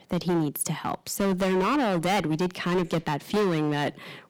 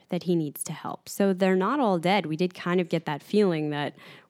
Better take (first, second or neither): second